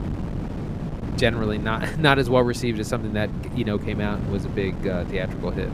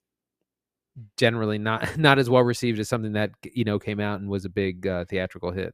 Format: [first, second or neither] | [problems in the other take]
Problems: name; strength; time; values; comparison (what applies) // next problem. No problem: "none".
second | wind noise on the microphone; occasional gusts; 10 dB below the speech